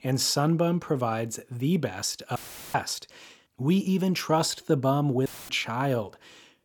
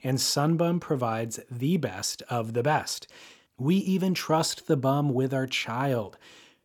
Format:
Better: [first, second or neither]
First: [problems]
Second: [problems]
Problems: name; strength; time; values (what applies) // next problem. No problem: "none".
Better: second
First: audio cutting out; filled with static; at 2.5 s and at 5.5 s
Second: none